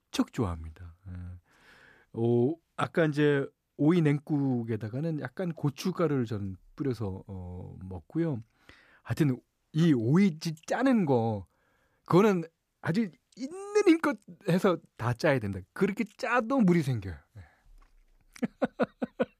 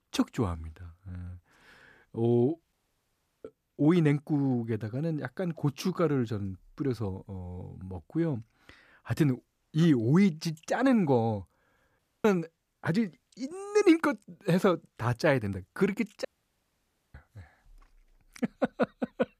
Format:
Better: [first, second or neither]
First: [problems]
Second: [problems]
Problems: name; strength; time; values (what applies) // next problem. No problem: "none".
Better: first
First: none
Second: audio cutting out; at 2.5 s for 0.5 s, at 12 s and at 16 s for 1 s